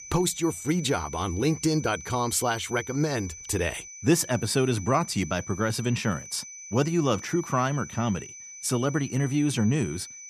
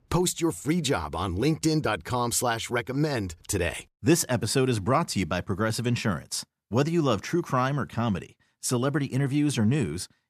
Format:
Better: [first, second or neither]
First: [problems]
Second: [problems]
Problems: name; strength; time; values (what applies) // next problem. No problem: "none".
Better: second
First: high-pitched whine; noticeable; throughout; 6 kHz, 15 dB below the speech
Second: none